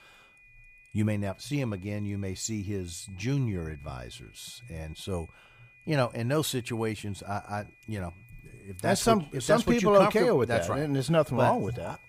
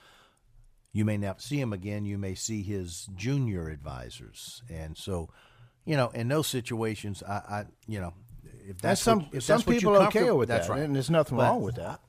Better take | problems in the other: second | high-pitched whine; faint; throughout; 2.5 kHz, 25 dB below the speech

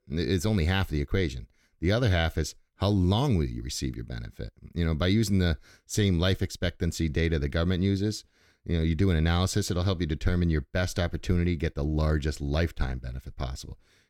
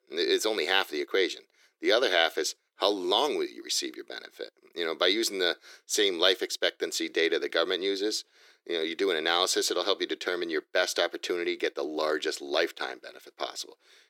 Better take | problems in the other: first | thin; very; fading below 350 Hz

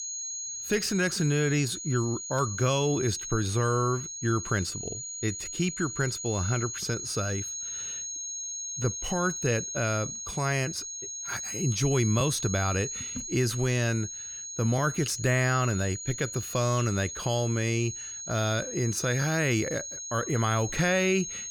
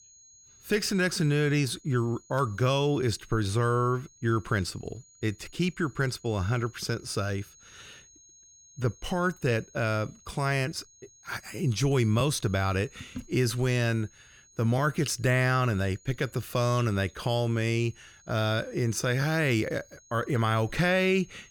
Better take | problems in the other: second | high-pitched whine; loud; throughout; 6.5 kHz, 6 dB below the speech; faint in the second

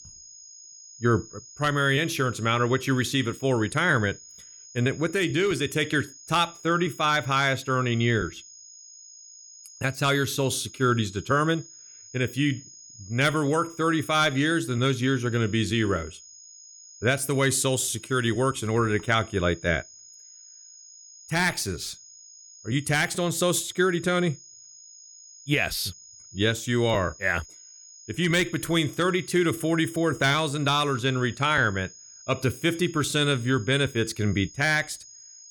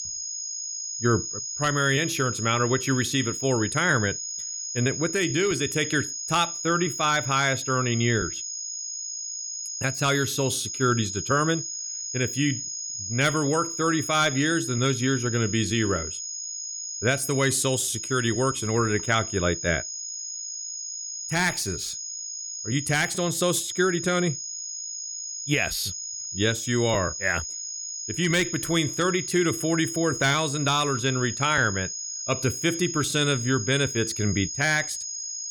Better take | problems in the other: first | high-pitched whine; loud; throughout; 6.5 kHz, 6 dB below the speech; faint in the first

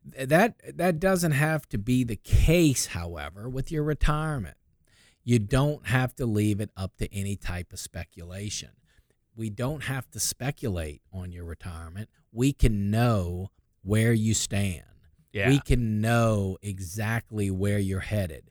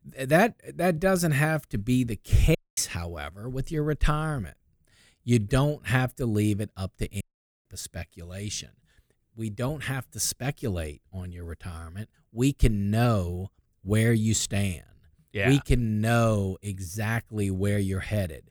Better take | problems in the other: first | audio cutting out; at 2.5 s and at 7 s

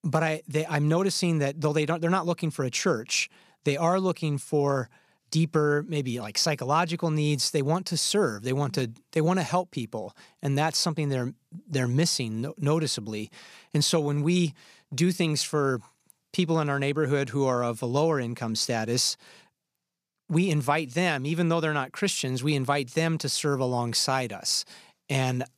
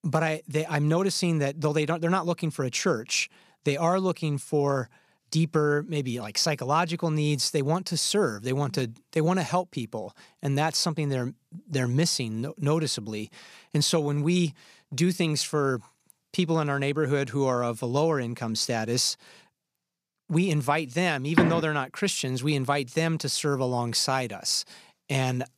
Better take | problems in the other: first | door banging; loud; at 21 s; peak 1 dB above the speech

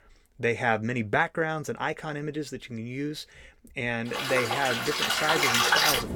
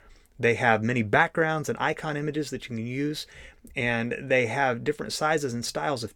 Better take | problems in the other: second | rain or running water; very loud; from 4 s on; 5 dB above the speech

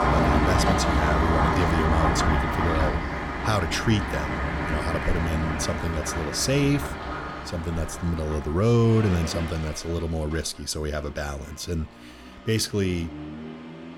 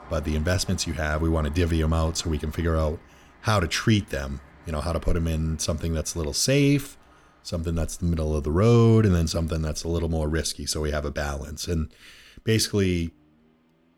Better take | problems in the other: second | traffic noise; loud; throughout; as loud as the speech; faint in the second

